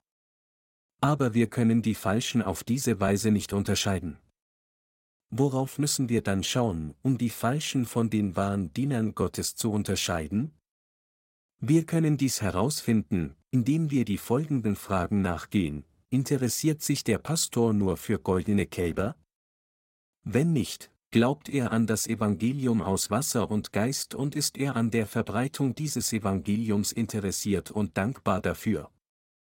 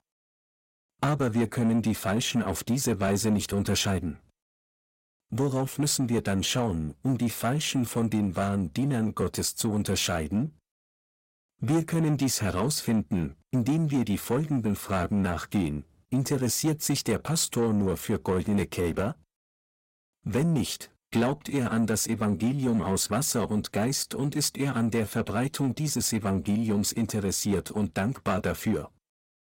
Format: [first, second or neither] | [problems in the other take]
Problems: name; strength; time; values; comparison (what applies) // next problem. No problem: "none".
first | distortion; slight; 10 dB below the speech